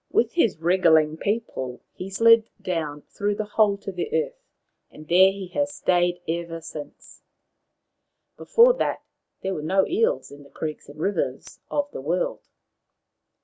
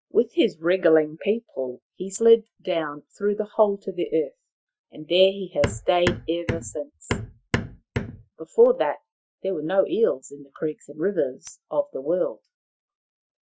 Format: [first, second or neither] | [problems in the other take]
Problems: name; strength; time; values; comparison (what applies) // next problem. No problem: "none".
first | noise reduction (classical method Wiener filter)